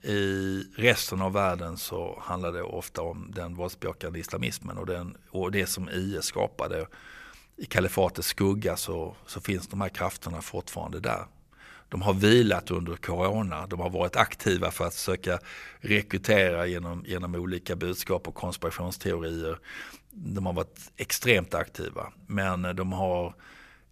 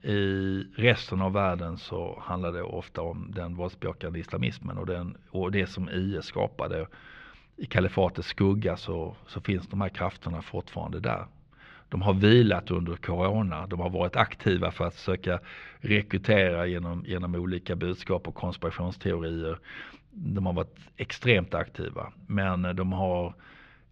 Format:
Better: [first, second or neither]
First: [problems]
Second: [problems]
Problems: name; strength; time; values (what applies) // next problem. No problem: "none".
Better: first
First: none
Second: muffled; slightly; fading above 3.5 kHz